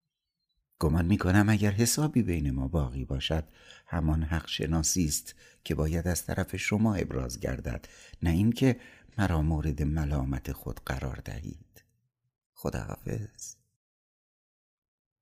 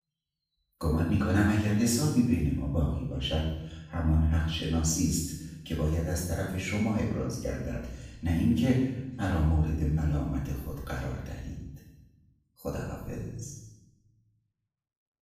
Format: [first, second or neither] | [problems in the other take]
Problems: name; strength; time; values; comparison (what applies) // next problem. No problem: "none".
first | off-mic speech; far // room echo; noticeable; dies away in 0.9 s